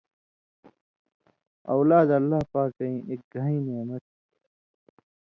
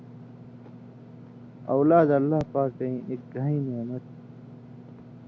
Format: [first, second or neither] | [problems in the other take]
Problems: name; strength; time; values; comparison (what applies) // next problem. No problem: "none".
first | background sound (Engine / Mechanisms); 17 dB below the speech